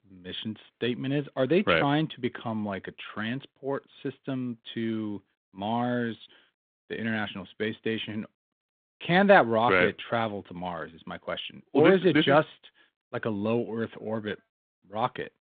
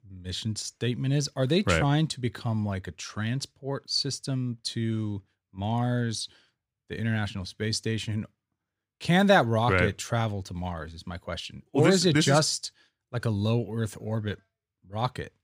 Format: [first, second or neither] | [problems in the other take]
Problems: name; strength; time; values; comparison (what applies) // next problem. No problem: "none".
second | phone-call audio; nothing above 3.5 kHz